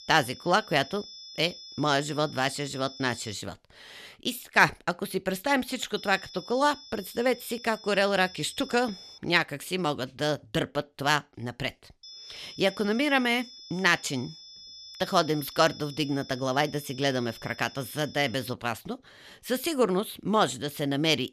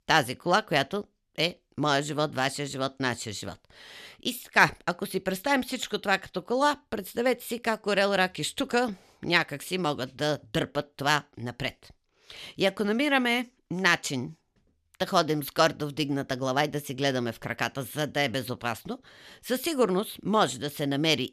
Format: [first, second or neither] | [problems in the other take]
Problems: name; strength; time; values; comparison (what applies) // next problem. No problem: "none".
second | high-pitched whine; noticeable; until 3.5 s, from 6 to 9 s and from 12 to 19 s; 5 kHz, 15 dB below the speech